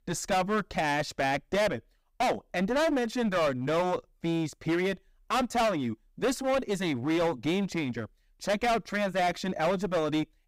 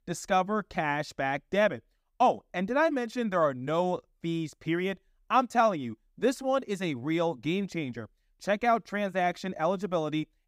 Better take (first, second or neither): second